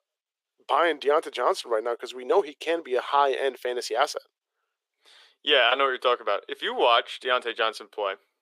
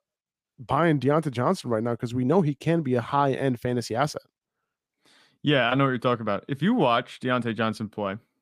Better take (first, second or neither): second